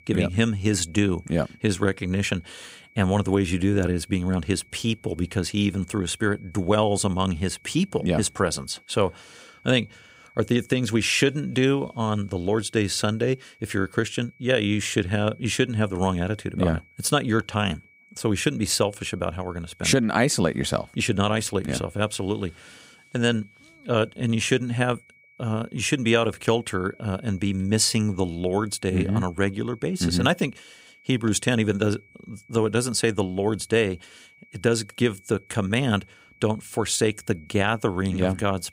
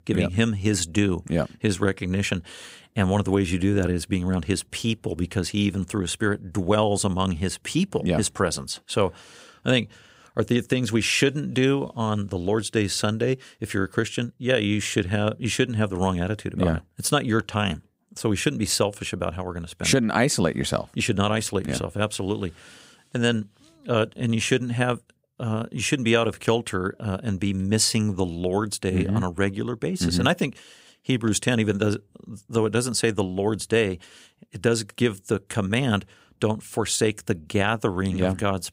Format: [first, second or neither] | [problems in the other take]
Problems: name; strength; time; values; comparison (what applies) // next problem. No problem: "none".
second | high-pitched whine; faint; throughout; 2.5 kHz, 30 dB below the speech